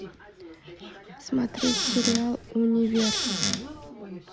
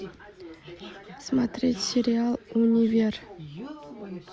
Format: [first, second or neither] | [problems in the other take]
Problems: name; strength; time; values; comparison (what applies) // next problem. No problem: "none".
second | background sound (Squeak / Cupboard open or close); 1 dB below the speech